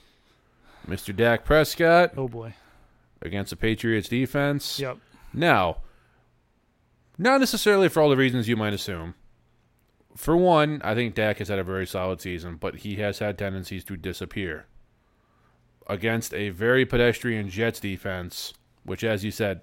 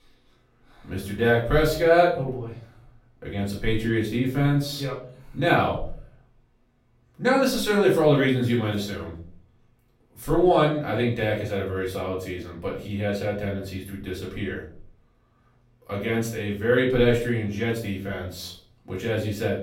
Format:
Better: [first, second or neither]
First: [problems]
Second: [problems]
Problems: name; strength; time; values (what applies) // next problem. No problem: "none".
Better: first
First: none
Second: room echo; slight; dies away in 0.5 s // off-mic speech; far